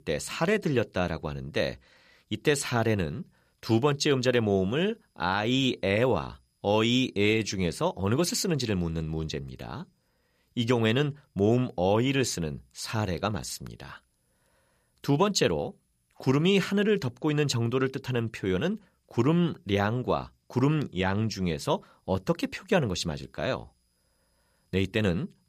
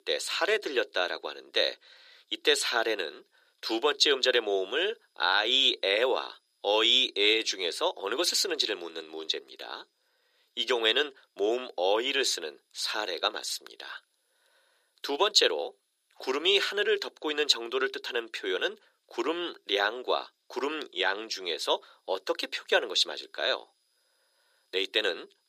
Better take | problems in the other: first | thin; very; fading below 350 Hz

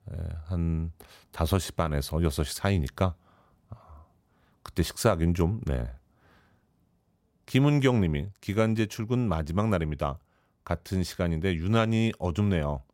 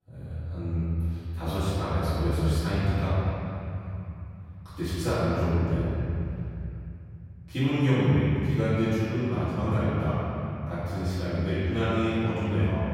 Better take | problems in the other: first | room echo; strong; dies away in 3 s // off-mic speech; far

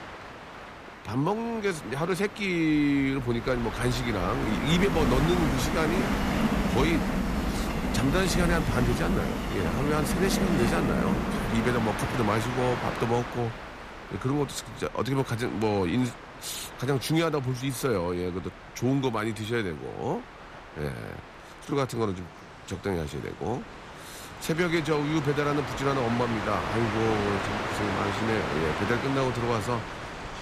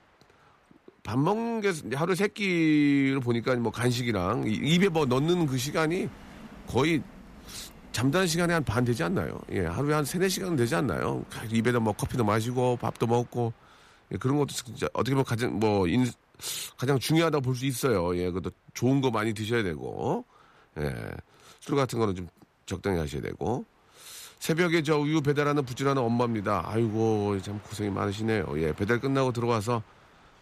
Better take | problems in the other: second | train or aircraft noise; loud; throughout; 3 dB below the speech; faint in the second

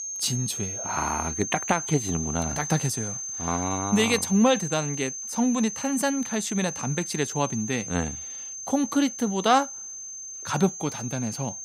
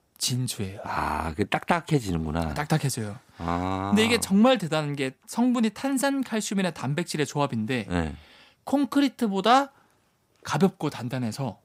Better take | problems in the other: second | high-pitched whine; loud; throughout; 6.5 kHz, 6 dB below the speech

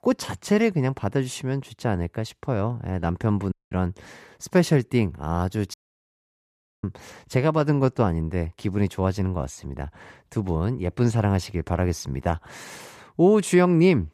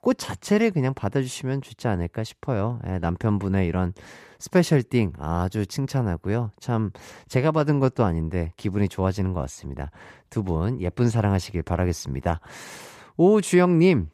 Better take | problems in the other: second | audio cutting out; at 3.5 s and at 5.5 s for 1 s

